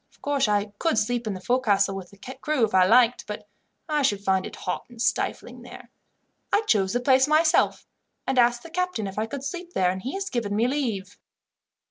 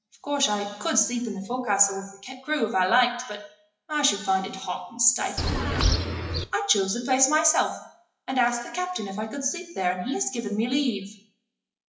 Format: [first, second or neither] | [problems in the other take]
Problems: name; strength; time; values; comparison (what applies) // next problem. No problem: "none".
first | noise reduction (classical method WPE with log-MMSE)